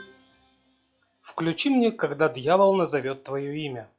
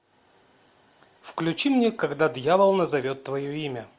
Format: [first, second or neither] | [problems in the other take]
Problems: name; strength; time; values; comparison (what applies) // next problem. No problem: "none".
second | noise reduction (classical method log-MMSE)